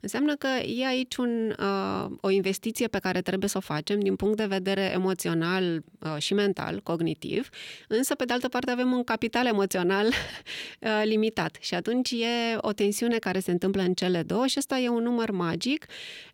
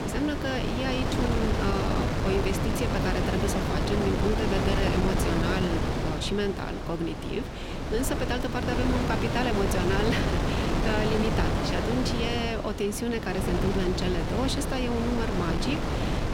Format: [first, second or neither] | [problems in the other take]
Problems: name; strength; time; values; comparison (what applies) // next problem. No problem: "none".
first | wind noise on the microphone; heavy; as loud as the speech